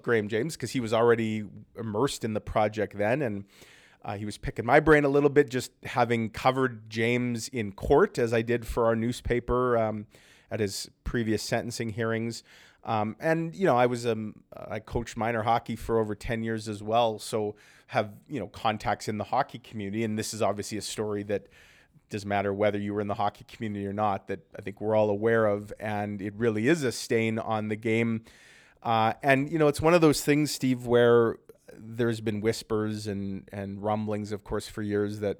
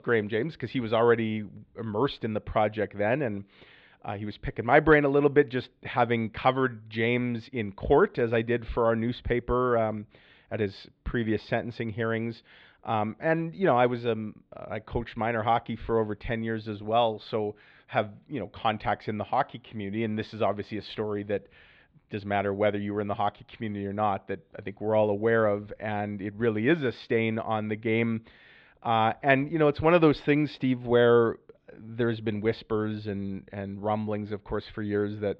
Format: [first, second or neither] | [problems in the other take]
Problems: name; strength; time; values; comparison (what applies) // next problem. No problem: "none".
first | muffled; slightly; fading above 3.5 kHz